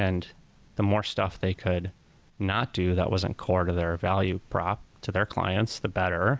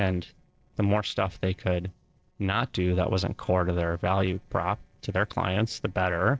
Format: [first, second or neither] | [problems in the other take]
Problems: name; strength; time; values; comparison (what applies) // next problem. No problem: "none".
first | noise reduction (neural separator model SepFormer DNS4)